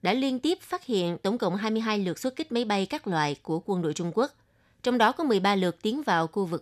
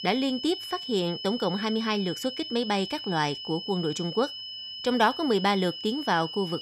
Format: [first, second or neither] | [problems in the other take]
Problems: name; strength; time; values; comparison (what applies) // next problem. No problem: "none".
first | high-pitched whine; loud; throughout; 3 kHz, 8 dB below the speech